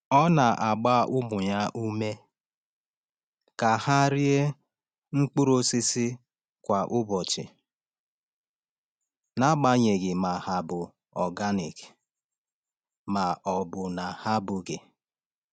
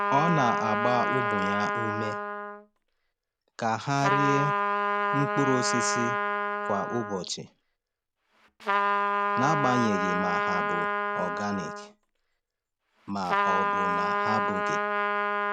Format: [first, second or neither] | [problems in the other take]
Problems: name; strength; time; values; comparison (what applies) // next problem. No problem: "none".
first | background sound (Trumpet); 3 dB above the speech